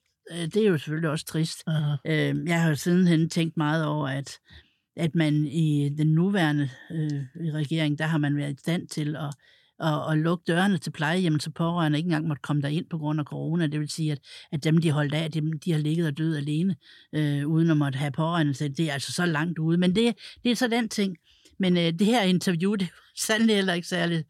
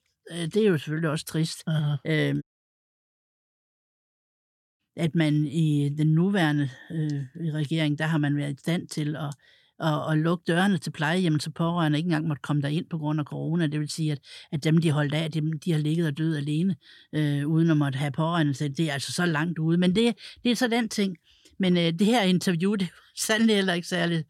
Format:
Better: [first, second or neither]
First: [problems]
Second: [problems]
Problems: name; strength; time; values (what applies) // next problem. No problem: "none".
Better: first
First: none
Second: audio cutting out; at 2.5 s for 2.5 s